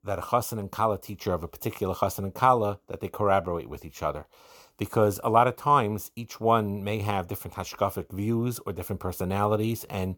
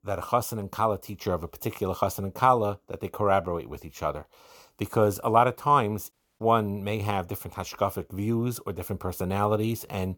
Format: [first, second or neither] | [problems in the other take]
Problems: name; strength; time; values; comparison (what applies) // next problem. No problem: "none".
first | audio cutting out; at 6 s